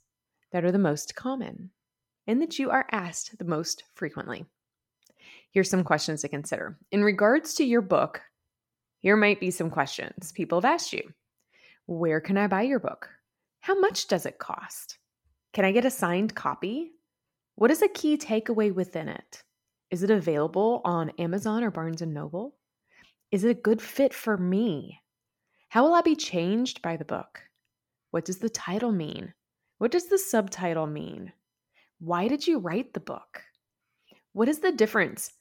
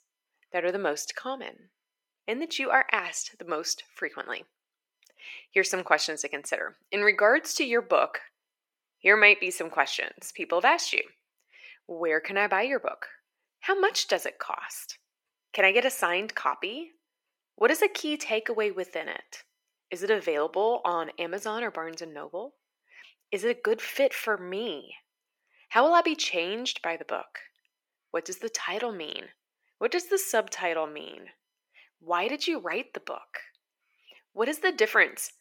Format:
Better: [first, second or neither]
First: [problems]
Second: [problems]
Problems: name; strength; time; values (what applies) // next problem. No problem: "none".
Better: first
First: none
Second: thin; very; fading below 400 Hz